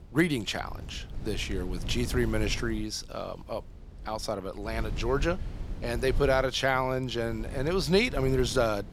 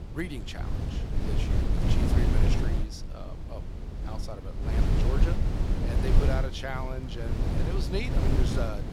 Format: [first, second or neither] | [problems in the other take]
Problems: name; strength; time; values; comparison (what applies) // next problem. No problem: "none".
first | wind noise on the microphone; heavy; 1 dB above the speech; occasional gusts in the first